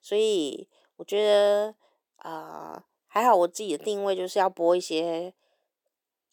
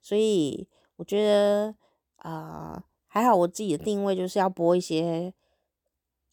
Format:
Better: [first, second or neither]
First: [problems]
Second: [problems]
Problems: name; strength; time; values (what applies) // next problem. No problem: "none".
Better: second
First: thin; somewhat; fading below 450 Hz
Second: none